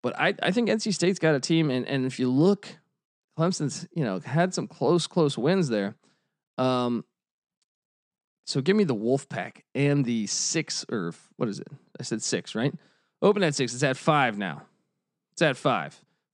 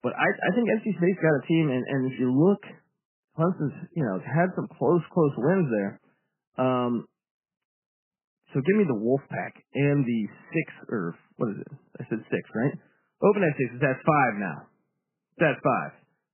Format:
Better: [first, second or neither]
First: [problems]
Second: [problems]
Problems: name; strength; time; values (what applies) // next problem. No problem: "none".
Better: first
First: none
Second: garbled, watery; badly; nothing above 3 kHz